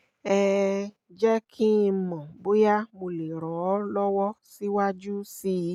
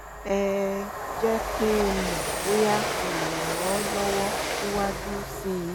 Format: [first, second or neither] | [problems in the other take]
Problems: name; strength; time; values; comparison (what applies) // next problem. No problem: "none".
first | background sound (Train); 1 dB below the speech